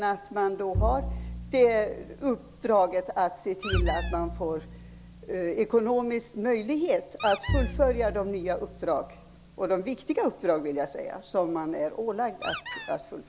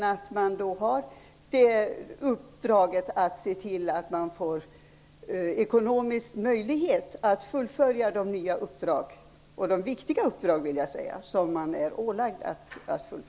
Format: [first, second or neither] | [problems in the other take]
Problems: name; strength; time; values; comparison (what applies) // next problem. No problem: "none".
second | background sound (Bowed string instrument + Squeak); 6 dB below the speech